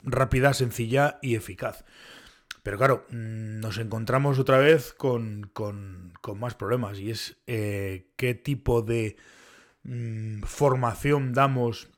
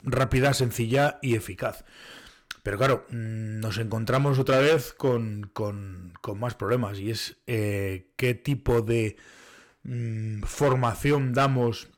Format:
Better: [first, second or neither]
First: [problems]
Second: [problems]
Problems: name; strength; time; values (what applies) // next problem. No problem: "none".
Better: first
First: none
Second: distortion; slight; 4% of the sound clipped